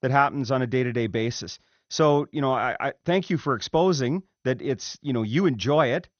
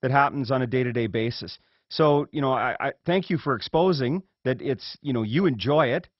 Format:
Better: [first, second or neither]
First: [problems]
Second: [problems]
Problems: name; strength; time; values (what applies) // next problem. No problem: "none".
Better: first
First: garbled, watery; slightly; nothing above 6.5 kHz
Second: garbled, watery; badly; nothing above 5.5 kHz